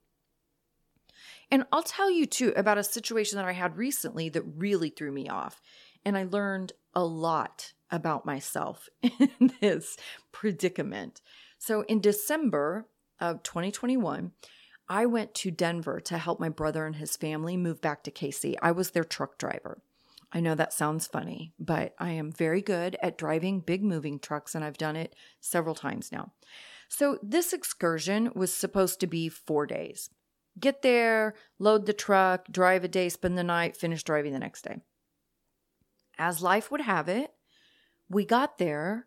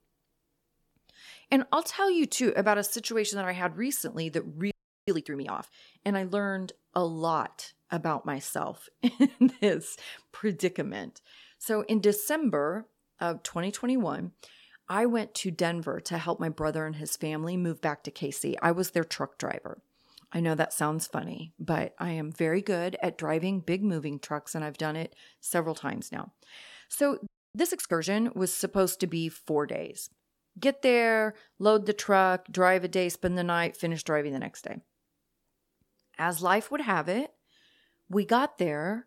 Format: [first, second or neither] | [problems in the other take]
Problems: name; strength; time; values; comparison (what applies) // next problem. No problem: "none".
first | audio freezing; at 4.5 s and at 27 s